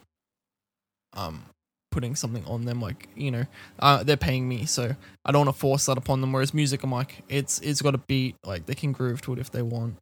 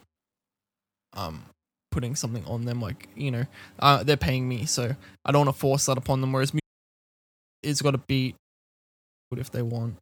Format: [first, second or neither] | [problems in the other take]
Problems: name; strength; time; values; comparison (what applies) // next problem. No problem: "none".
first | audio cutting out; at 6.5 s for 1 s and at 8.5 s for 1 s